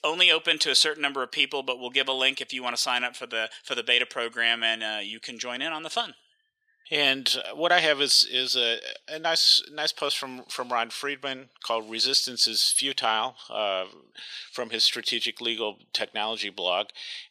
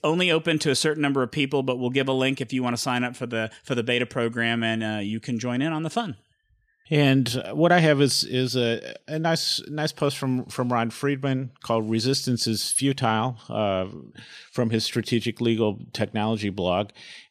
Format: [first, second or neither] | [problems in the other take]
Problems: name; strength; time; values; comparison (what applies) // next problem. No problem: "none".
second | thin; very; fading below 600 Hz